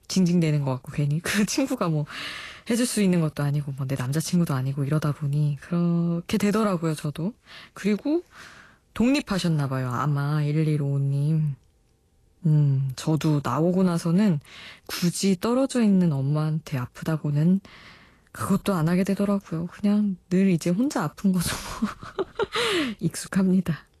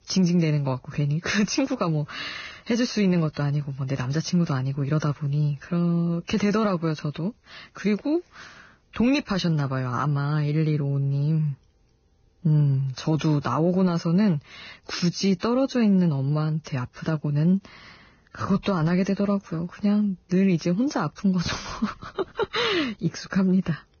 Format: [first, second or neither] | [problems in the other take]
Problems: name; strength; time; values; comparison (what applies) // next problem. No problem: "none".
first | garbled, watery; badly; nothing above 6.5 kHz; slightly in the first